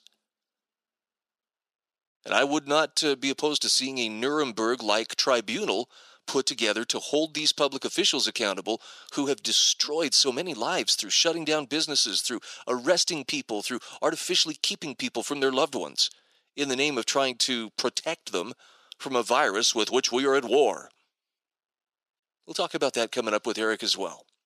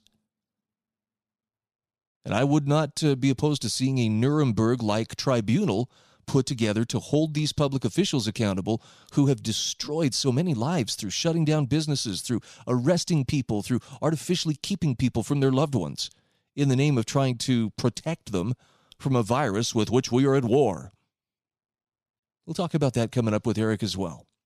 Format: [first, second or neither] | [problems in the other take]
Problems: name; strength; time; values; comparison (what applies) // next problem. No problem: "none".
second | thin; somewhat; fading below 350 Hz